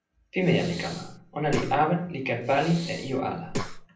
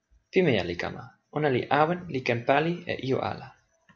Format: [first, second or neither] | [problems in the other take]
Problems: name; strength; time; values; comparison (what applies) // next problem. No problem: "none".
second | background sound (Breathing); 9 dB below the speech // room echo; dies away in 0.6 s